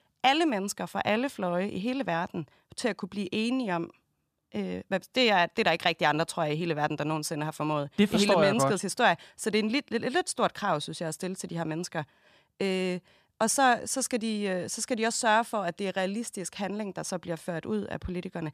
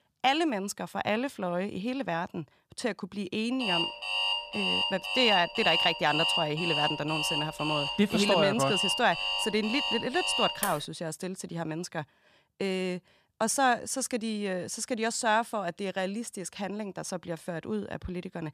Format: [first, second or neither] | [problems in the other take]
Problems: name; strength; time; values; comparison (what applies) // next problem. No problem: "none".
first | alarm; loud; from 3.5 to 11 s; peak 5 dB above the speech